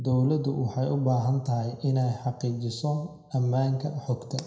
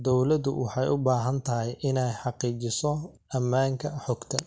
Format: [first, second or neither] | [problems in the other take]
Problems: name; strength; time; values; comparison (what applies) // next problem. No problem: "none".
second | room echo; dies away in 0.7 s